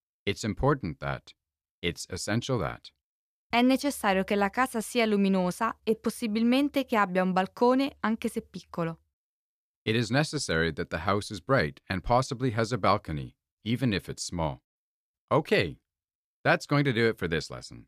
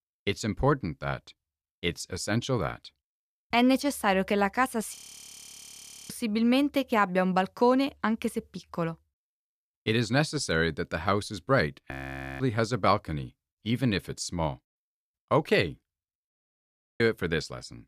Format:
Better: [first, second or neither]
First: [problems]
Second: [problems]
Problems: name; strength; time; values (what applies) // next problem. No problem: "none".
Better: first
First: none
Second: audio freezing; at 5 s for 1 s, at 12 s and at 16 s for 0.5 s